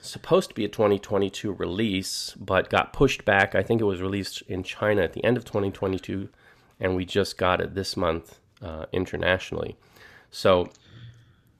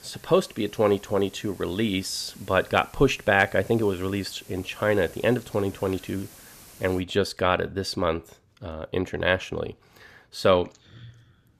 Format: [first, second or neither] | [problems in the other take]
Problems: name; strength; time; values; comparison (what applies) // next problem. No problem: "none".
first | hiss; faint; until 7 s; 25 dB below the speech